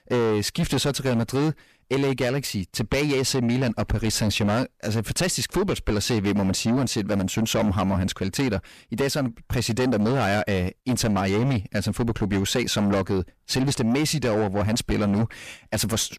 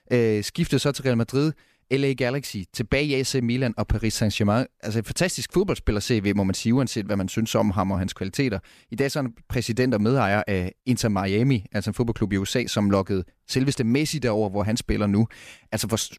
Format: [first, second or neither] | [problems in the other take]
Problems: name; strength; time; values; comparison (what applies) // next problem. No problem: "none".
second | distortion; heavy; 7 dB below the speech